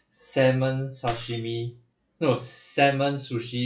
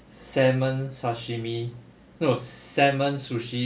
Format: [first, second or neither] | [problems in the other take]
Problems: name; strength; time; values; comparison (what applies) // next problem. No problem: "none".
second | noise reduction (classical method log-MMSE)